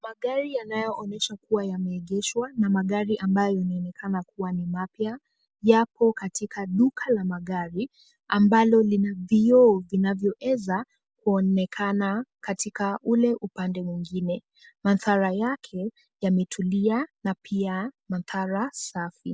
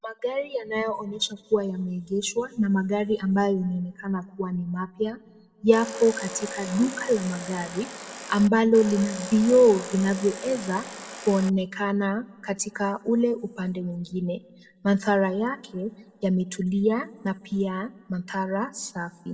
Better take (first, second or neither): first